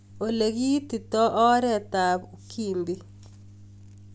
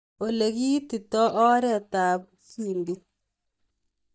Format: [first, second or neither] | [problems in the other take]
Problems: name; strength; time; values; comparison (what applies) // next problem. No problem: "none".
first | noise reduction (neural mask model DeepFilterNet 3)